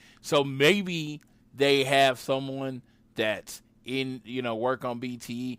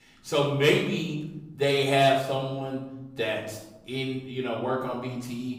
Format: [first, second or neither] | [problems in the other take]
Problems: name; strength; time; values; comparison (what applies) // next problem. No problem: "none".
first | off-mic speech; far // room echo; noticeable; dies away in 0.9 s